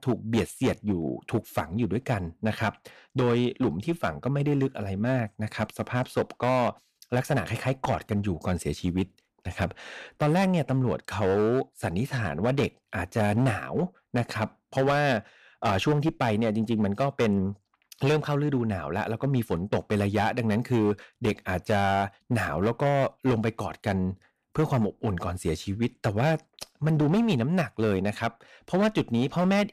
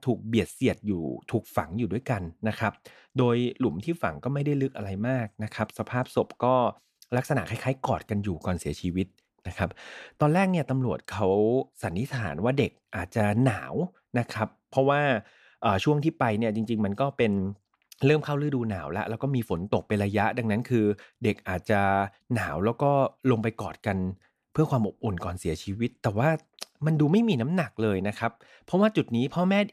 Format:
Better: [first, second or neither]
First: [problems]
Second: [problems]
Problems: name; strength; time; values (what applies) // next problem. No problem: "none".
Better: second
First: distortion; slight; 10% of the sound clipped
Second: none